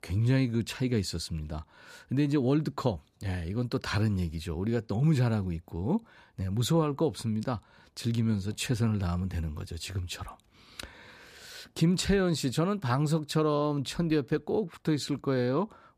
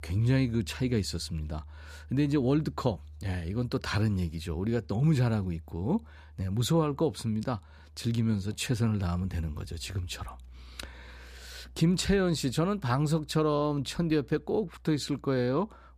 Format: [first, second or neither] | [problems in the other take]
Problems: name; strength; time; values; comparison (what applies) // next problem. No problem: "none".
first | background music; faint; throughout; 20 dB below the speech